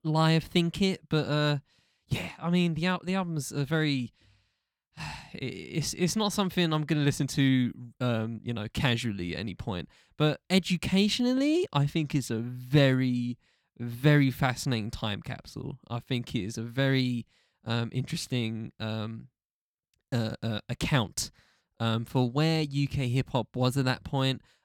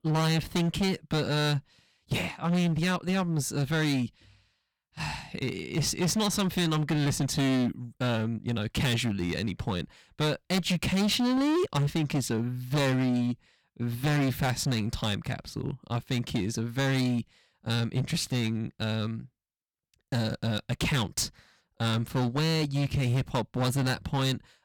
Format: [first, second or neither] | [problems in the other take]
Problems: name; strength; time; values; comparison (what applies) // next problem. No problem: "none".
first | distortion; heavy; 17% of the sound clipped